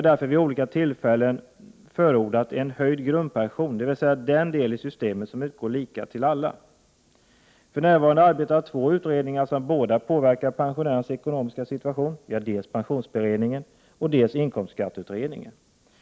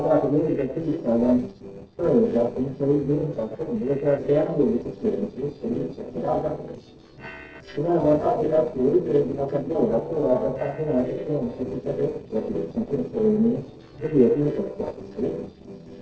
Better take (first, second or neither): first